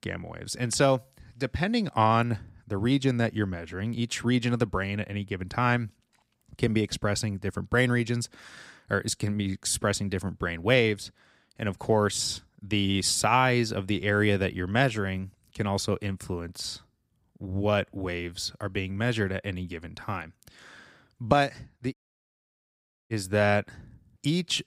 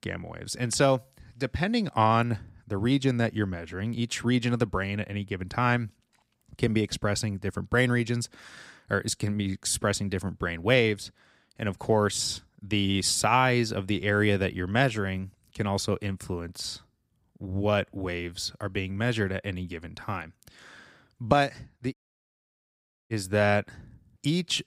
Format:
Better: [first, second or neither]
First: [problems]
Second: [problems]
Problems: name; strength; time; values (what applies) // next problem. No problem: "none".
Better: neither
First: audio cutting out; at 22 s for 1 s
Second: audio cutting out; at 22 s for 1 s